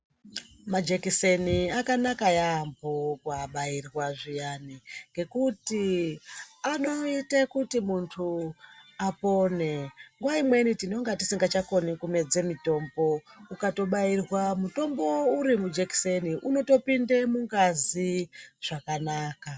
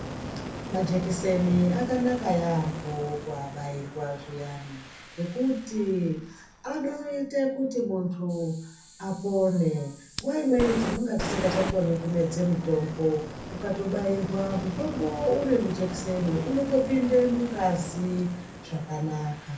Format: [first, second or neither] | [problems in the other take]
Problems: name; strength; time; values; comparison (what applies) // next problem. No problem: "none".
first | background sound (Fire); 10 dB below the speech // room echo; dies away in 0.6 s